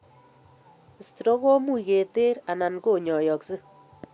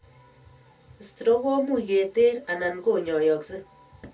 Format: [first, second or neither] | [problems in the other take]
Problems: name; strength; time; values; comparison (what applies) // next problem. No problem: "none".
first | room echo; dies away in 0.2 s